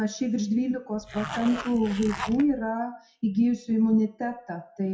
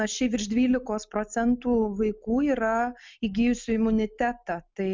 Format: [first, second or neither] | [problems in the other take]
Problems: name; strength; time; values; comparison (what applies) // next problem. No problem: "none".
second | noise reduction (classical method WPE with log-MMSE)